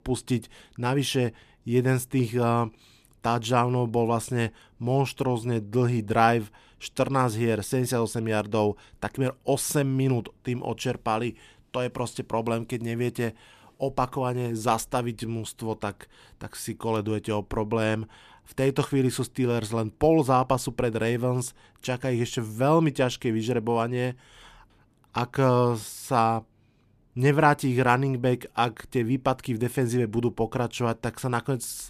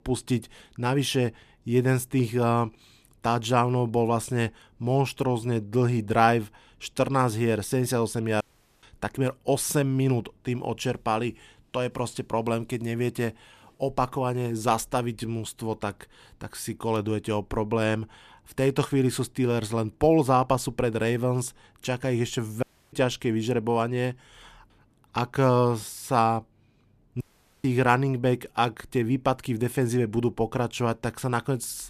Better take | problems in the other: first | audio cutting out; at 8.5 s, at 23 s and at 27 s

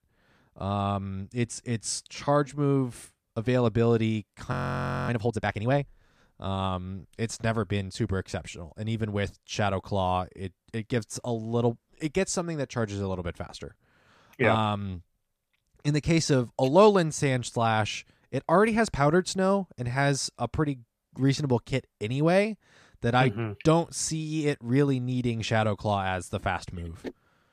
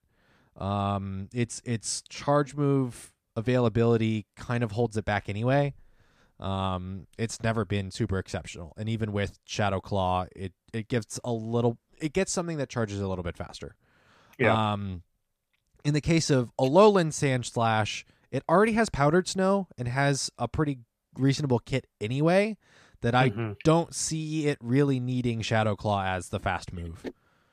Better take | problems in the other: second | audio freezing; at 4.5 s for 0.5 s

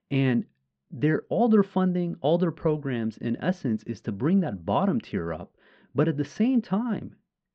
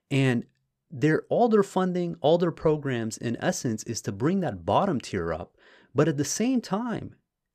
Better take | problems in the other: second | muffled; very; fading above 3.5 kHz

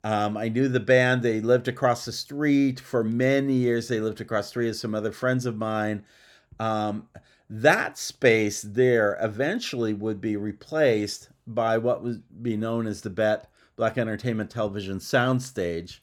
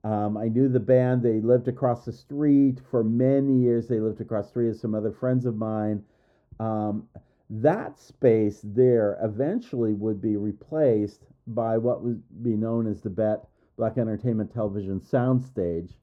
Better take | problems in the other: first | muffled; very; fading above 1 kHz

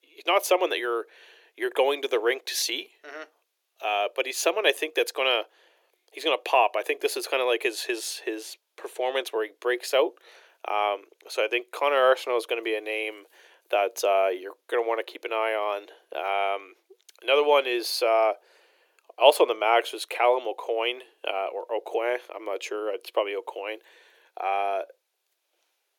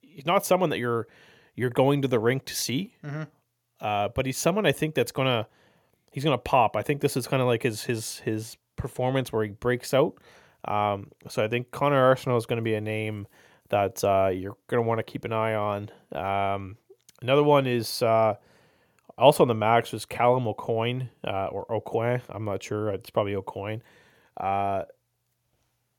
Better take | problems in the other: second | thin; very; fading below 350 Hz

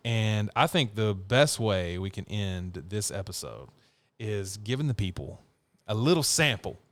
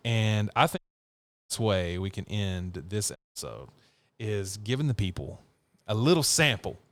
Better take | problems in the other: first | audio cutting out; at 1 s for 0.5 s and at 3 s

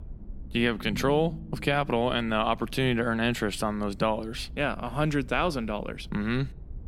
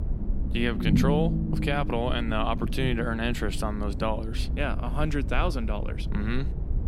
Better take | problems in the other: first | low rumble; loud; throughout; 9 dB below the speech; faint in the first

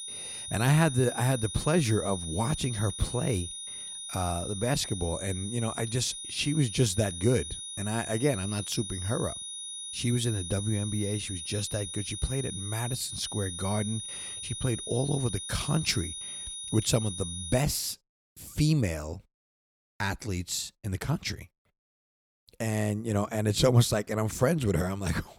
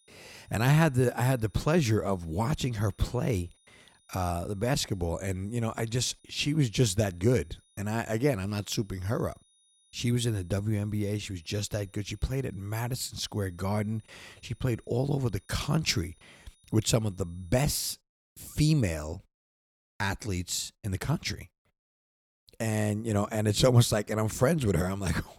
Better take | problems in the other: second | high-pitched whine; loud; until 18 s; 9.5 kHz, 7 dB below the speech; faint in the second

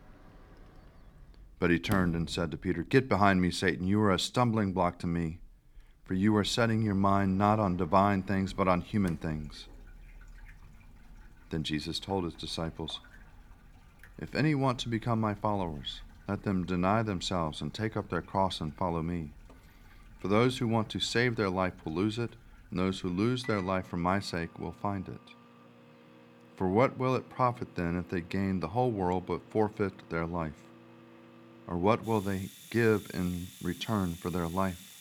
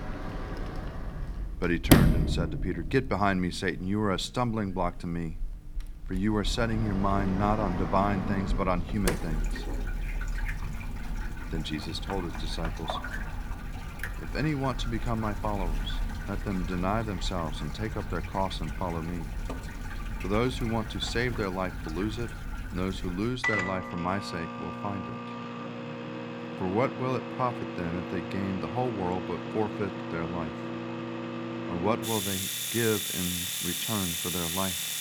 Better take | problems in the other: first | household noises; loud; throughout; 2 dB below the speech; faint in the first

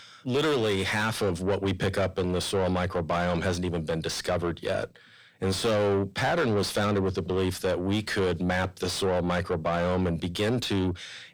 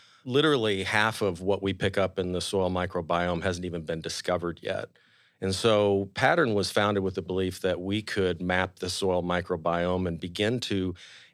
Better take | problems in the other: second | distortion; heavy; 6 dB below the speech

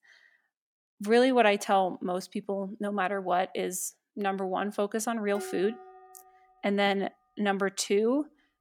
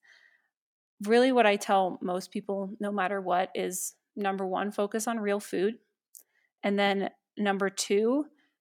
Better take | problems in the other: second | clattering dishes; faint; at 5.5 s; peak 10 dB below the speech

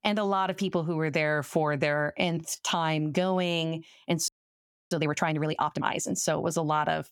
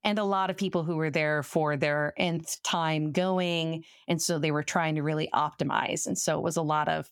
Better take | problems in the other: second | audio freezing; at 4.5 s for 0.5 s

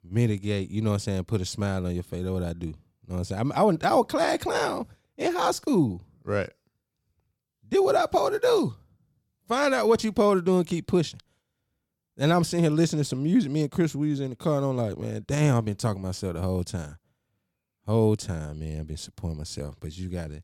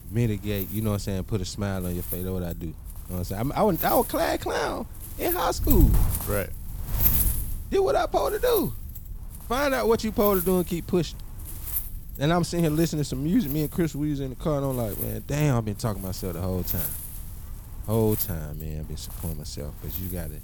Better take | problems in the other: first | wind noise on the microphone; occasional gusts; 10 dB below the speech

